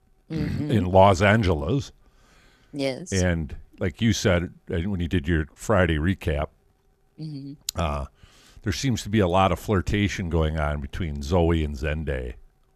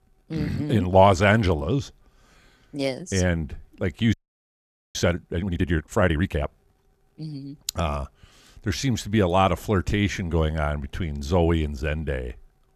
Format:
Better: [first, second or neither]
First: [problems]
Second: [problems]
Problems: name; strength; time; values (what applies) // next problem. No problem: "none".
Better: first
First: none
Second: audio freezing; at 4 s for 1 s